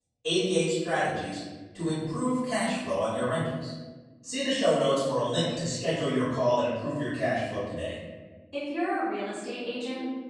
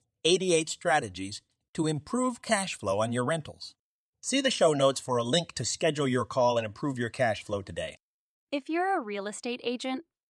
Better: second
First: off-mic speech; far // room echo; strong; dies away in 1.4 s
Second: none

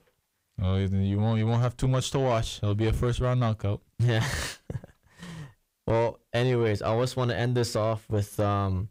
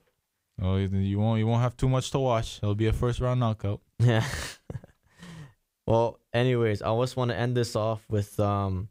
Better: second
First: distortion; slight; 10 dB below the speech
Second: none

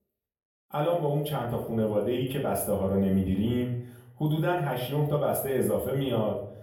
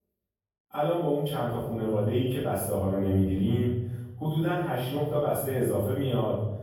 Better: first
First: room echo; slight; dies away in 0.5 s // off-mic speech; far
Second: room echo; strong; dies away in 1.1 s // off-mic speech; far

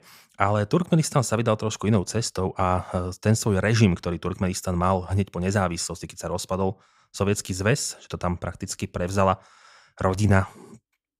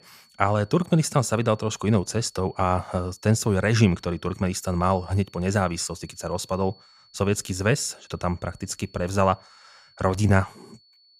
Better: first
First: none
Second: high-pitched whine; faint; throughout; 4.5 kHz, 30 dB below the speech

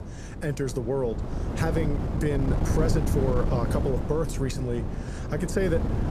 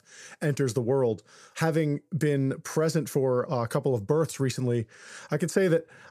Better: second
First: wind noise on the microphone; heavy; 5 dB below the speech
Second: none

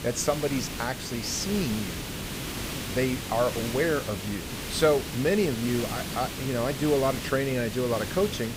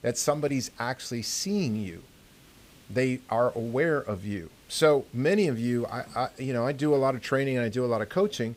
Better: second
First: hiss; loud; throughout; 6 dB below the speech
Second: hiss; faint; throughout; 25 dB below the speech

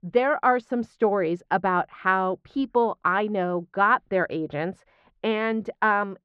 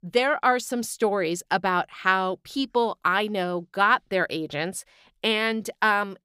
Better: second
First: muffled; very; fading above 1.5 kHz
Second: none

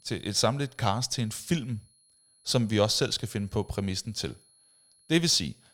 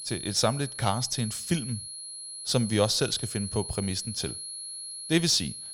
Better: first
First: high-pitched whine; faint; throughout; 11 kHz, 30 dB below the speech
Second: high-pitched whine; loud; throughout; 11 kHz, 8 dB below the speech

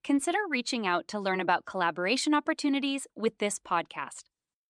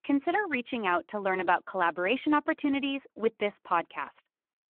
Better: first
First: none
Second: phone-call audio

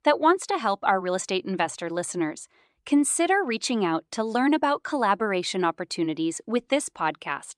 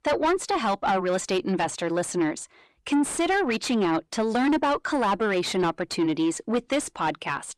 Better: first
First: none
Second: distortion; heavy; 7 dB below the speech

